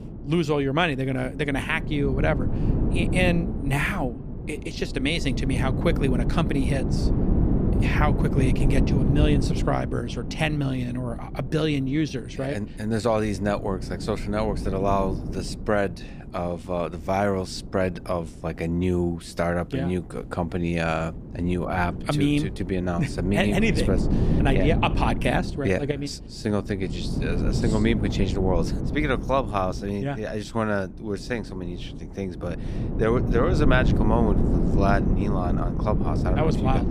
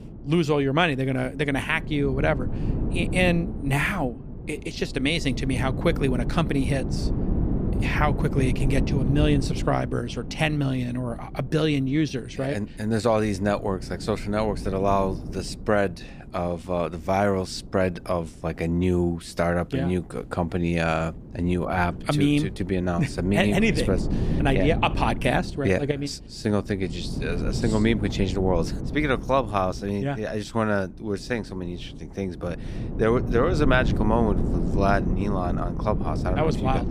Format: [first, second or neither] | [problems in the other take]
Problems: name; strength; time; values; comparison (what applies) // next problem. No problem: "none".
second | wind noise on the microphone; heavy; 7 dB below the speech; occasional gusts in the second